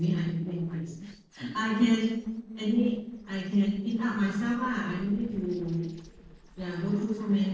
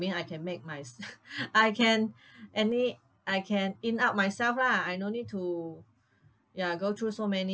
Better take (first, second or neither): second